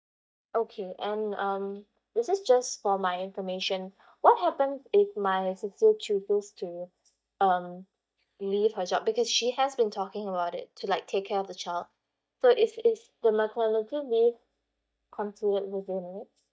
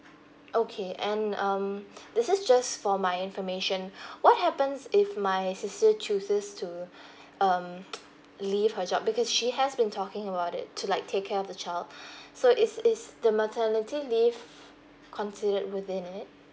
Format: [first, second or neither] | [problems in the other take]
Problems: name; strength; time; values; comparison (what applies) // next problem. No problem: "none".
second | noise reduction (neural mask model DeepFilterNet 3)